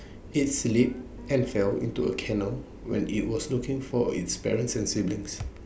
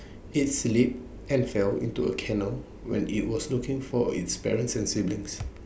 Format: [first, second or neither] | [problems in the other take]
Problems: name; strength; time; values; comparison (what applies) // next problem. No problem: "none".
second | background sound (Guitar); 20 dB below the speech